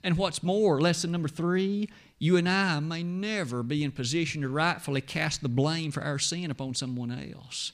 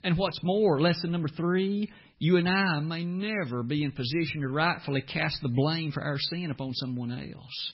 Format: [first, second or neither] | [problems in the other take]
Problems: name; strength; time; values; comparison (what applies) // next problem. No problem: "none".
first | garbled, watery; badly; nothing above 5.5 kHz